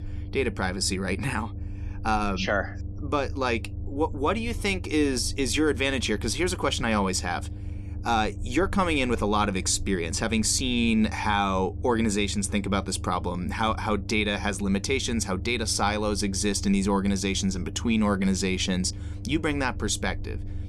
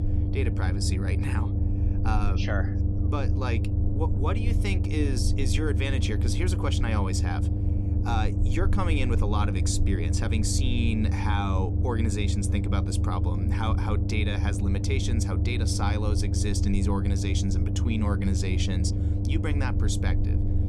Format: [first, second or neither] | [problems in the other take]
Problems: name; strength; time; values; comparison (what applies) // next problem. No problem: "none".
first | low rumble; loud; throughout; 5 dB below the speech; faint in the first